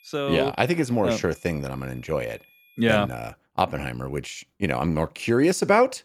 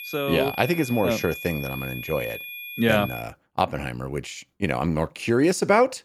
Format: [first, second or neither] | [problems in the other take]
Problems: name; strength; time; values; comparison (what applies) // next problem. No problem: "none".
first | high-pitched whine; loud; until 3 s; 2.5 kHz, 9 dB below the speech; faint in the first